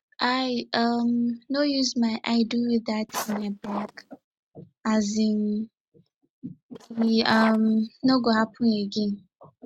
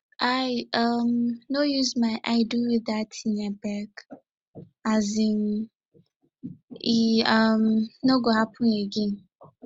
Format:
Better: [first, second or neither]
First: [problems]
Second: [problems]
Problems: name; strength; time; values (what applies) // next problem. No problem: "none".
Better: second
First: noise reduction (neural mask model RNNoise)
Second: none